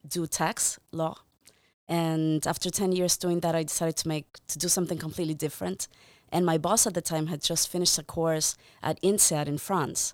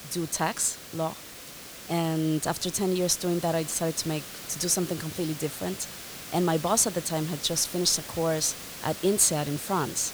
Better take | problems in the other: first | hiss; noticeable; throughout; 10 dB below the speech

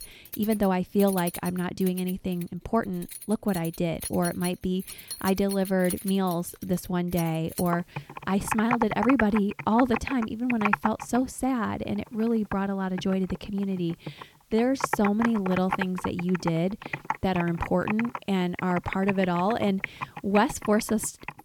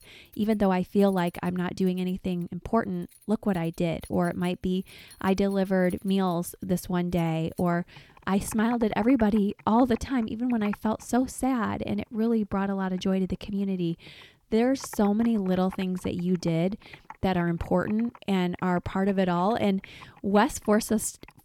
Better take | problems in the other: second | household noises; loud; throughout; 8 dB below the speech; faint in the second

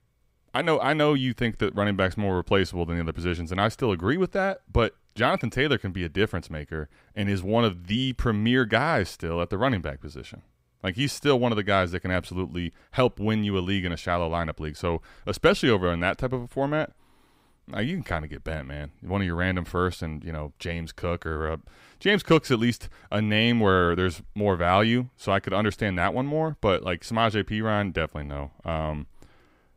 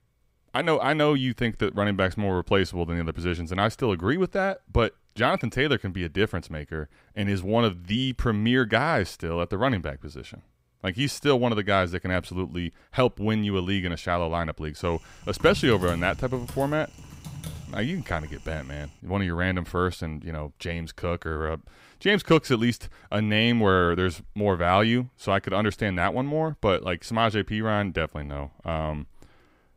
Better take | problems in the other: first | keyboard typing; noticeable; from 15 to 18 s; peak 10 dB below the speech

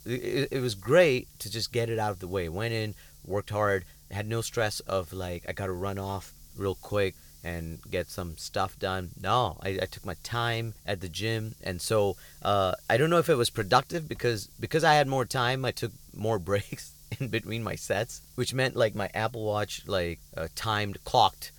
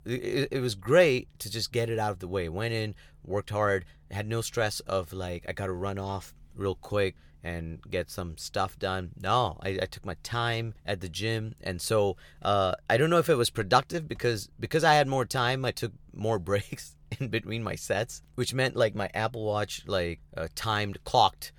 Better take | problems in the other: second | hiss; faint; throughout; 25 dB below the speech

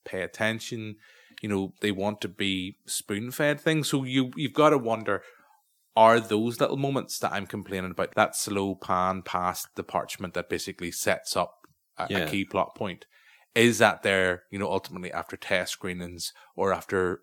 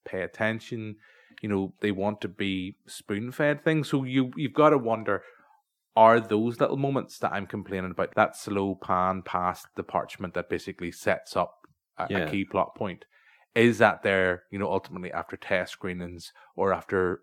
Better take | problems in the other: first | muffled; slightly; fading above 3.5 kHz

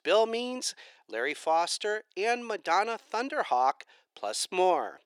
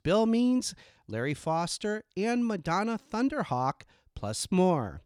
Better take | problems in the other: second | thin; very; fading below 400 Hz

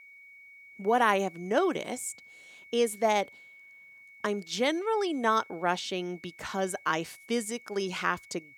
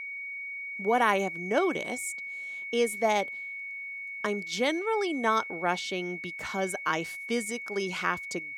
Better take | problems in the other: first | high-pitched whine; loud; throughout; 2 kHz, 6 dB below the speech; faint in the first

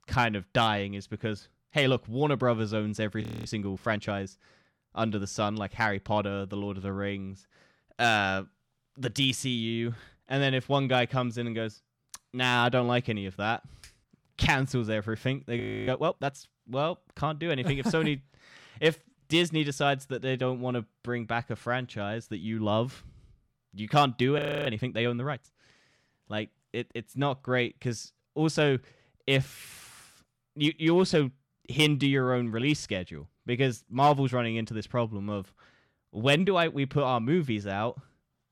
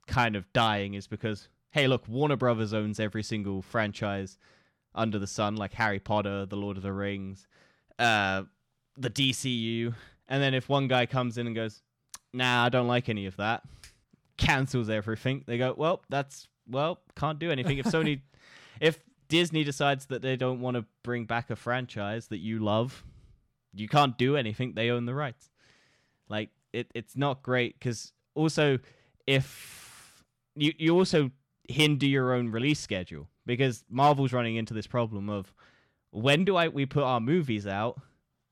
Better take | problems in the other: second | audio freezing; at 3 s, at 16 s and at 24 s

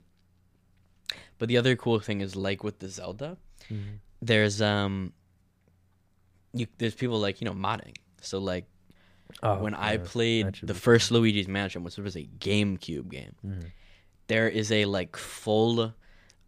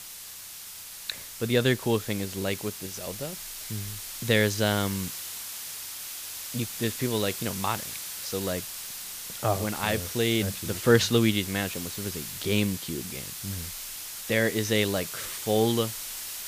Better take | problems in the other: first | hiss; loud; throughout; 7 dB below the speech

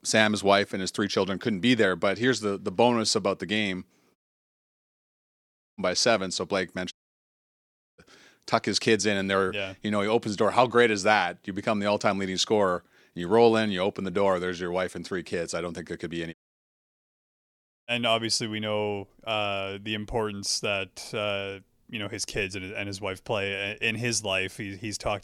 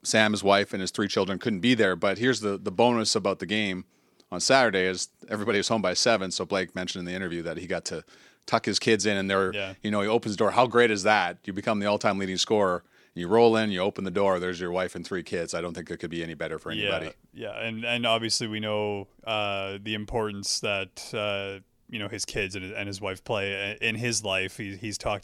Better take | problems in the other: second | audio cutting out; at 4 s for 1.5 s, at 7 s for 1 s and at 16 s for 1.5 s

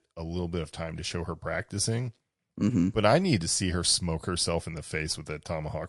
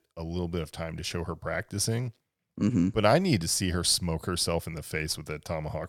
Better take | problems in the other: second | garbled, watery; slightly; nothing above 9 kHz

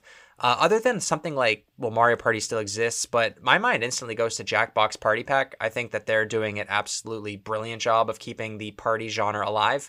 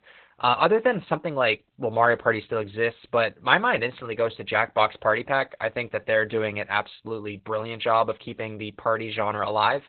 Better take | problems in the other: first | garbled, watery; badly; nothing above 4 kHz

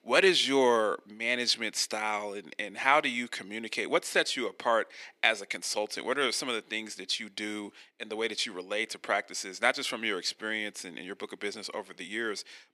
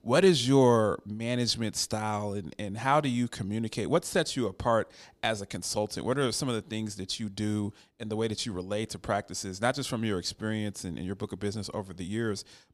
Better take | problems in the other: second | thin; somewhat; fading below 300 Hz

